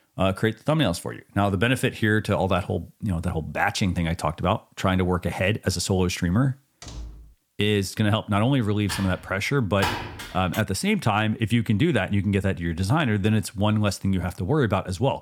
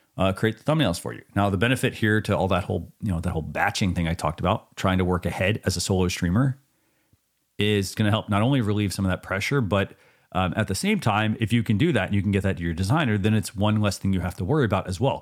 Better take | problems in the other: second | door banging; faint; at 7 s; peak 15 dB below the speech // keyboard typing; noticeable; from 9 to 11 s; peak 4 dB below the speech

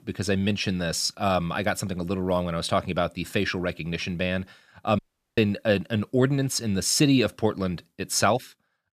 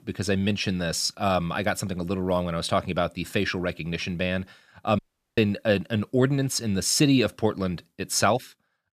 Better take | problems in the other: neither | audio cutting out; at 5 s; the same in both

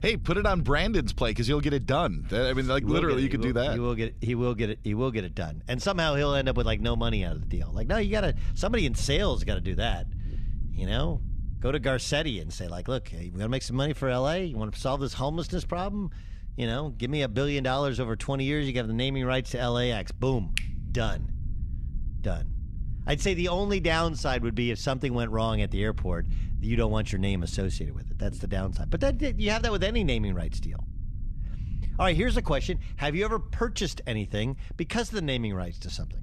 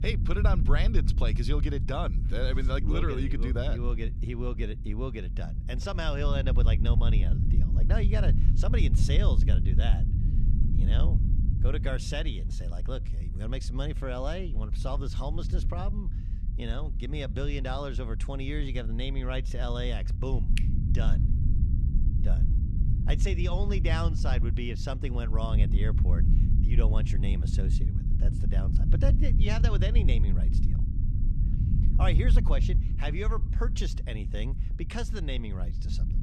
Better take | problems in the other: first | low rumble; loud; throughout; 7 dB below the speech; faint in the first

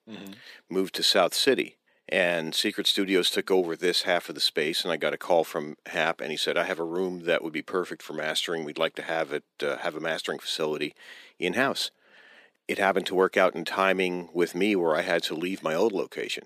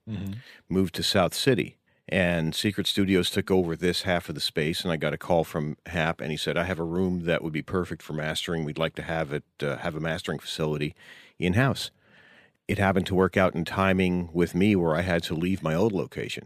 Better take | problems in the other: second | thin; somewhat; fading below 300 Hz

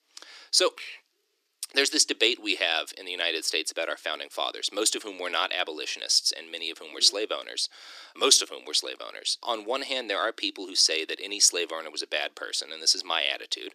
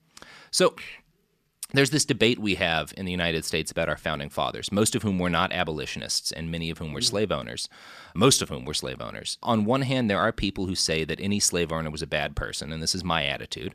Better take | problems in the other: second | thin; somewhat; fading below 300 Hz

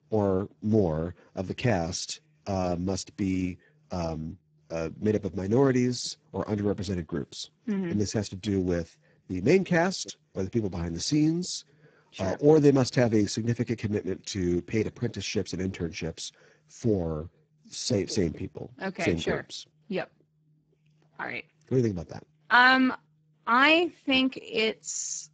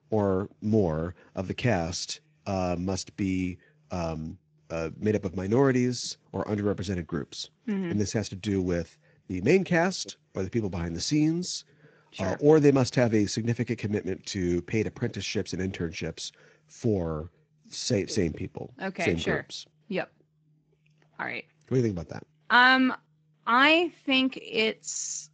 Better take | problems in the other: second | garbled, watery; badly; nothing above 7.5 kHz; slightly in the second

